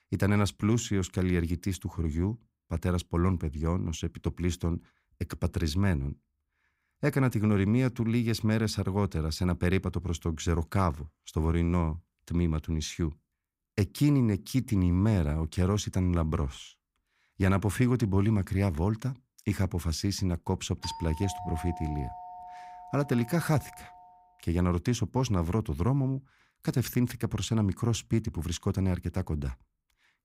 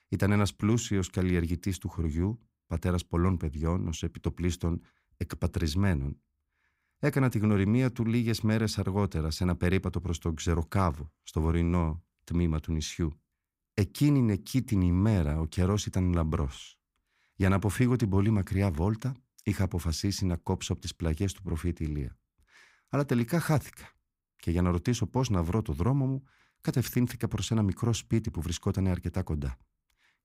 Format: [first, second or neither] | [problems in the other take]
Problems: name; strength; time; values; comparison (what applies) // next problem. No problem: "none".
second | doorbell; faint; from 21 to 24 s; peak 10 dB below the speech